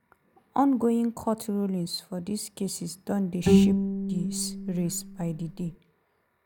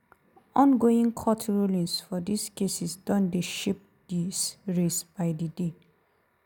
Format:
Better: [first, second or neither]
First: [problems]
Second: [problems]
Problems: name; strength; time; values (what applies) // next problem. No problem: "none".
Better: second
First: background sound (Bowed string instrument); 4 dB above the speech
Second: none